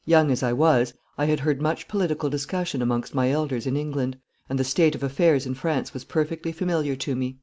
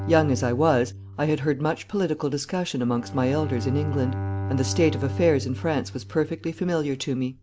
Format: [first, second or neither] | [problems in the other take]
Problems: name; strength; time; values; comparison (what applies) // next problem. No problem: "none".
first | background sound (Bowed string instrument); 8 dB below the speech